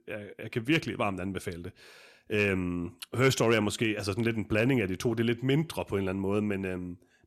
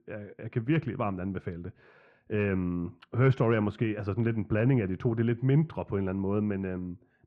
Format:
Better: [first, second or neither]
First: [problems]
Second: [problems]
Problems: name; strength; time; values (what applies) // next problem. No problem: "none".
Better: first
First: none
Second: muffled; very; fading above 1.5 kHz